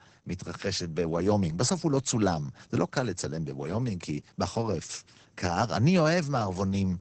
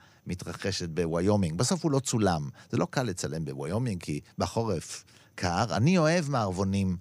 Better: second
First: garbled, watery; badly; nothing above 8 kHz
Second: none

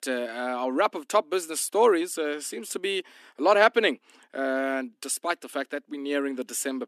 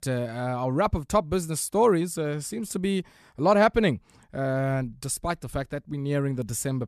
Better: second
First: thin; very slightly; fading below 250 Hz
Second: none

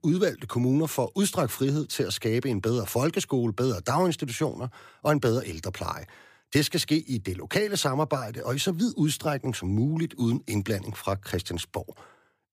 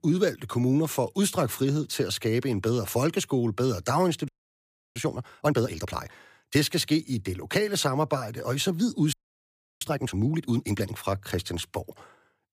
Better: first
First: none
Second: audio freezing; at 4.5 s for 0.5 s and at 9 s for 0.5 s

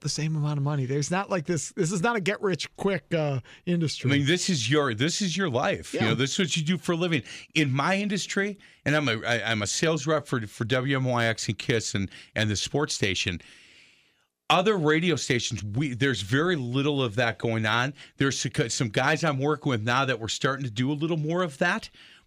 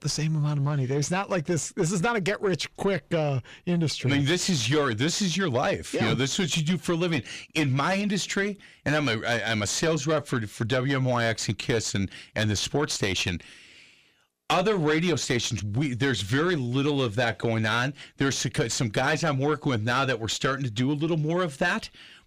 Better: first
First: none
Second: distortion; slight; 10 dB below the speech

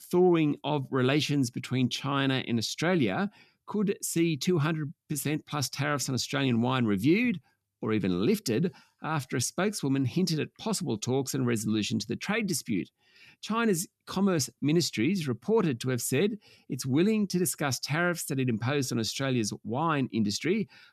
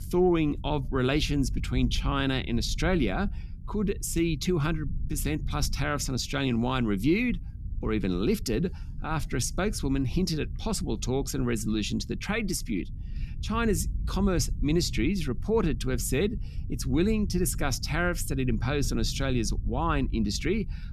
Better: first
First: none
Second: low rumble; faint; throughout; 20 dB below the speech

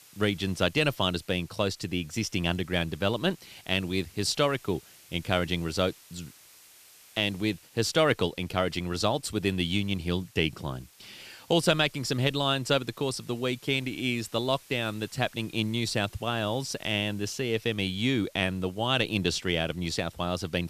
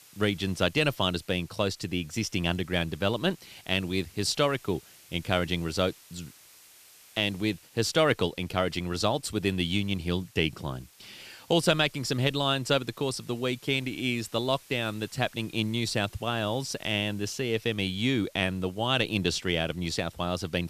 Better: neither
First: hiss; faint; throughout; 25 dB below the speech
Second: hiss; faint; throughout; 25 dB below the speech

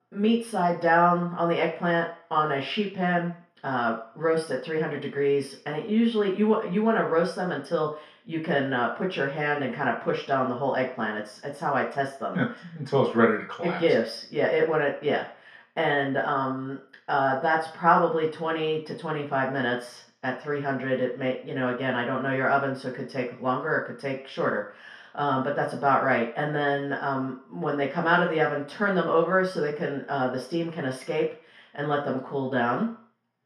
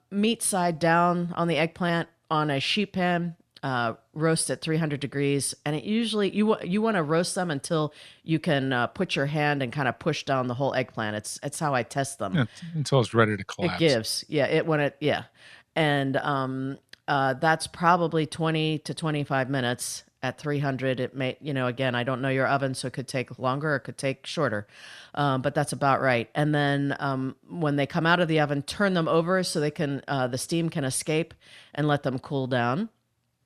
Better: second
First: room echo; slight; dies away in 0.5 s // off-mic speech; far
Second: none

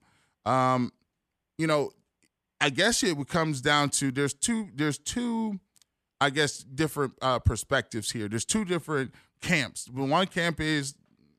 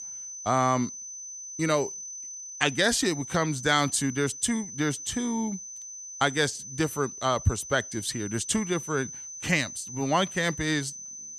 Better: first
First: none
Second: high-pitched whine; loud; throughout; 6 kHz, 10 dB below the speech

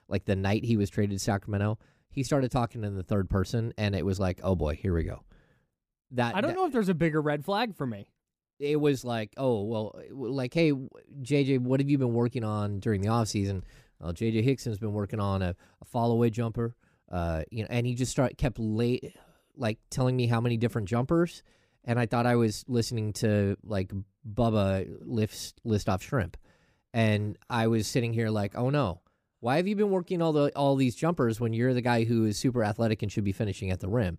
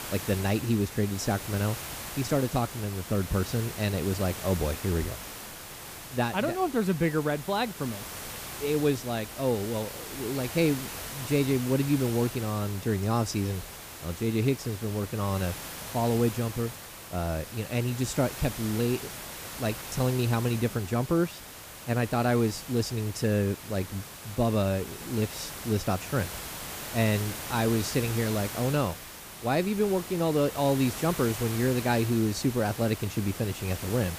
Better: first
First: none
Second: hiss; loud; throughout; 9 dB below the speech

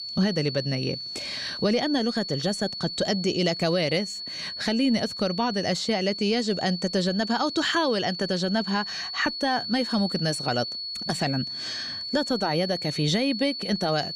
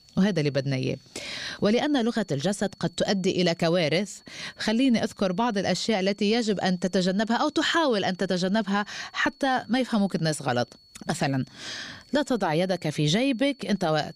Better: second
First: high-pitched whine; loud; throughout; 4.5 kHz, 5 dB below the speech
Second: high-pitched whine; faint; throughout; 4.5 kHz, 30 dB below the speech

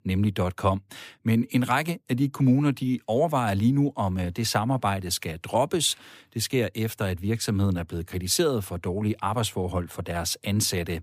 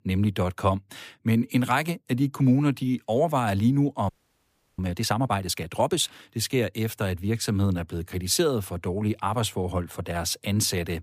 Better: first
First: none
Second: audio freezing; at 4 s for 0.5 s

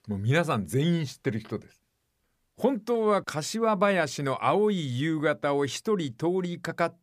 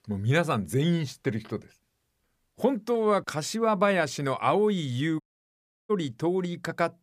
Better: first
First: none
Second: audio cutting out; at 5 s for 0.5 s

